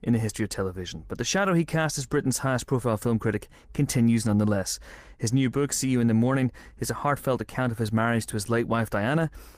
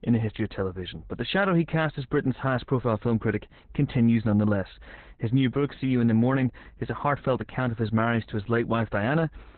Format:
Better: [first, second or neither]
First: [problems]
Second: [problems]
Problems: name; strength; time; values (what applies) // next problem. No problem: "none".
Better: first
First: garbled, watery; slightly; nothing above 15 kHz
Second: garbled, watery; badly; nothing above 4 kHz